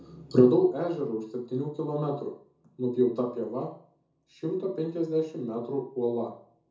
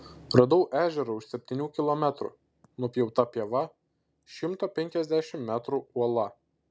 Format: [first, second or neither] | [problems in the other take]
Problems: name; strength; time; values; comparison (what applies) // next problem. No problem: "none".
second | room echo; dies away in 0.6 s